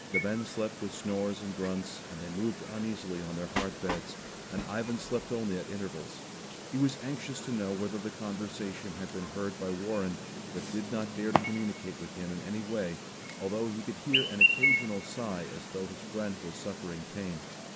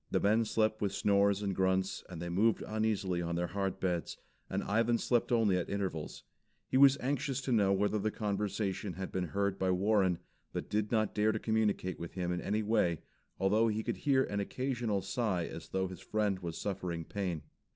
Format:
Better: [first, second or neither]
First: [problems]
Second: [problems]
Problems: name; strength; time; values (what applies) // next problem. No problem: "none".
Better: second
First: background sound (Chirp, tweet + Train); 1 dB below the speech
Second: none